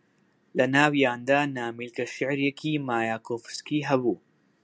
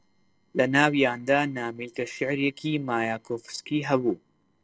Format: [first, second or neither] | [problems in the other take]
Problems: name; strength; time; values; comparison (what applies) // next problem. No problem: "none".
first | noise reduction (neural separator model SepFormer DNS4)